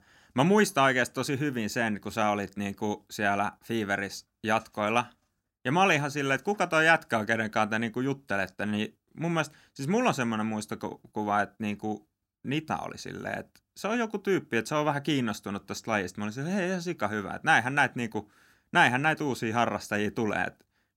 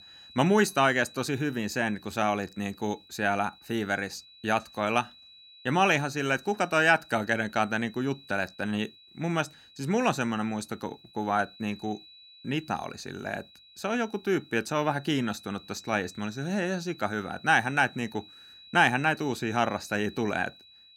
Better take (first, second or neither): first